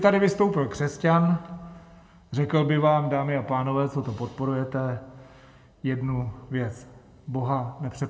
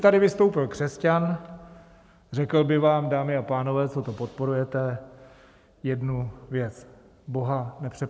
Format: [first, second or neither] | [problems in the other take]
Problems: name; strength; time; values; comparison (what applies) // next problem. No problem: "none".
second | room echo; dies away in 0.6 s